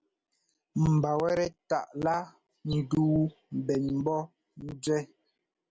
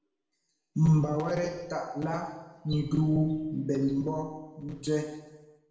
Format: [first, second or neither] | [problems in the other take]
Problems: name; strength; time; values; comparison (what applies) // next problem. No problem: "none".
first | room echo; dies away in 1 s